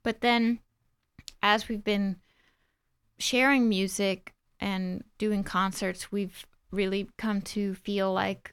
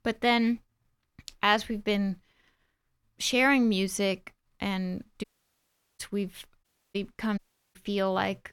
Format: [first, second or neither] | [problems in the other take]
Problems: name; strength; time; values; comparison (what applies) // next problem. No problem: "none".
first | audio cutting out; at 5 s for 1 s, at 6.5 s and at 7.5 s